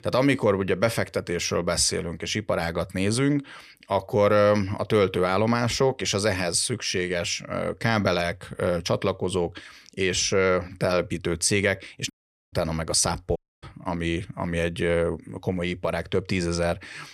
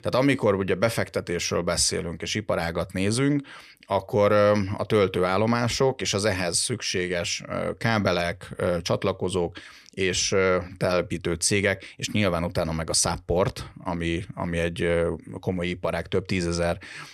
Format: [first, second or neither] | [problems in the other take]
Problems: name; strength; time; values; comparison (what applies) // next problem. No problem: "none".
second | audio cutting out; at 12 s and at 13 s